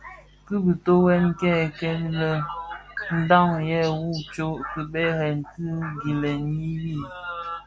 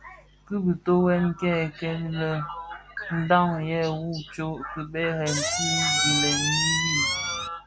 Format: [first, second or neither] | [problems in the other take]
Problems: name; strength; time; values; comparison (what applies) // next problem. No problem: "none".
first | background sound (Squeak); 2 dB above the speech